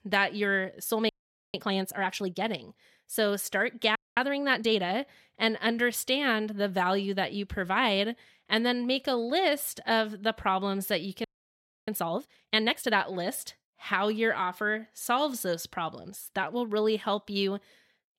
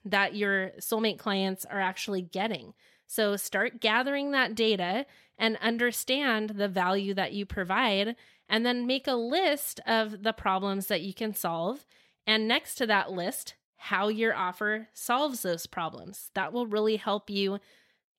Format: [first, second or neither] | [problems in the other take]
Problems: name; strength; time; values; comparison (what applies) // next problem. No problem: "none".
second | audio freezing; at 1 s, at 4 s and at 11 s for 0.5 s